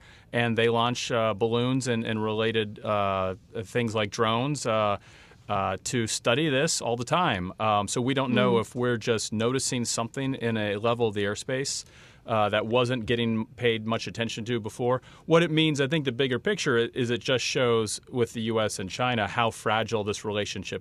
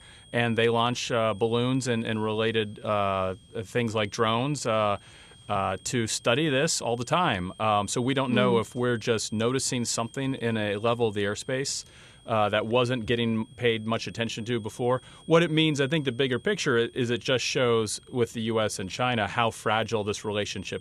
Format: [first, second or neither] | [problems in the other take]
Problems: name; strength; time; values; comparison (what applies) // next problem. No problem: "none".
first | high-pitched whine; faint; throughout; 3 kHz, 25 dB below the speech